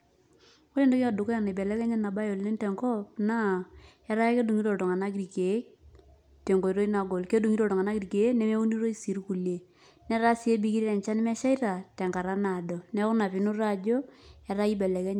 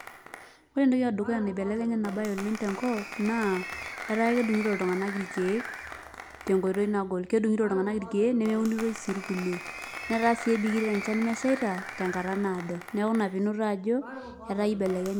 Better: first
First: none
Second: background sound (Applause); 12 dB below the speech

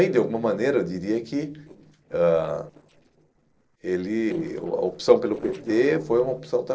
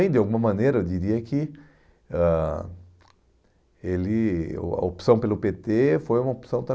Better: second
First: noise reduction (neural separator model SepFormer DNS4)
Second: none

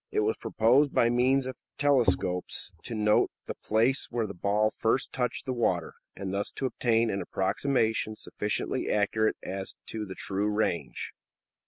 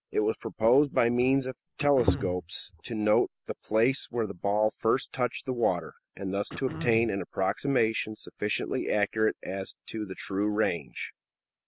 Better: first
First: none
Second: background sound (Cough); 14 dB below the speech

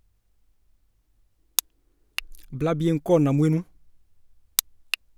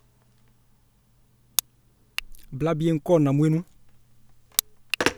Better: first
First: none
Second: background sound (Telephone); 11 dB below the speech

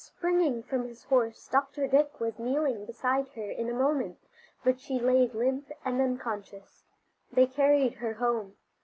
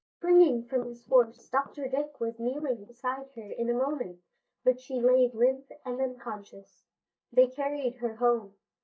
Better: first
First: none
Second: noise reduction (neural mask model DeepFilterNet 3)

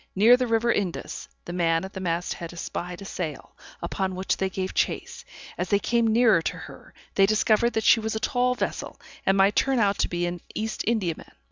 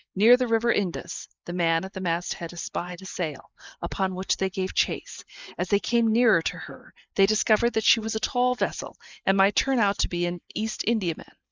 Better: first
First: none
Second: noise reduction (neural mask model Resemble Enhance denoiser)

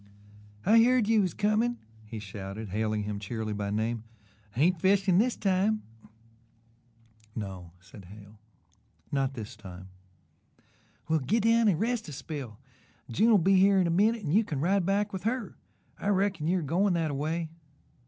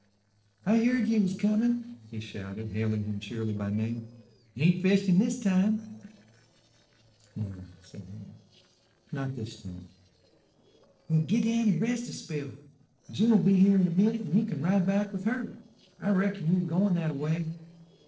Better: first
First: none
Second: noise reduction (neural separator model SepFormer DNS4)

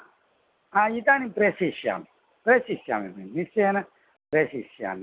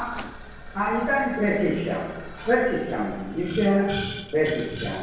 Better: first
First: none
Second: background sound (Boiling); 12 dB below the speech // room echo; dies away in 1 s

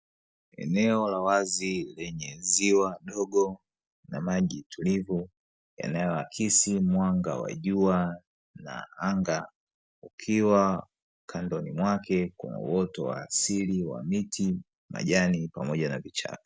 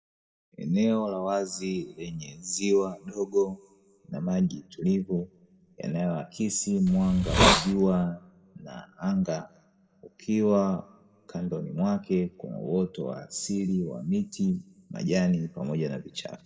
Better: first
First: none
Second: background sound (Hiss); 4 dB above the speech // room echo; dies away in 1.1 s

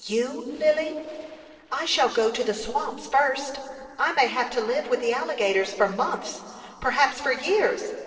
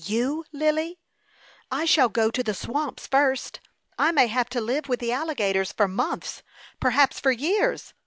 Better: second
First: noise reduction (neural separator model SepFormer DNS4)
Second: none

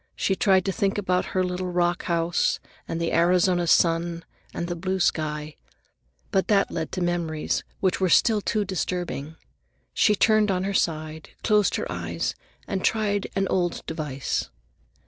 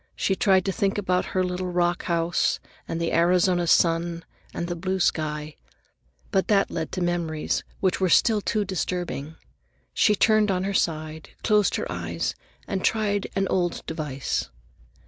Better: second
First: noise reduction (neural separator model SepFormer DNS4)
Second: none

